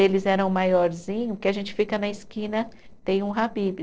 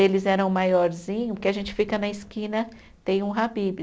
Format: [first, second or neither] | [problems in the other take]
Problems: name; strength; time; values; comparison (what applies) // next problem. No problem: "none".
second | noise reduction (neural separator model SepFormer DNS4)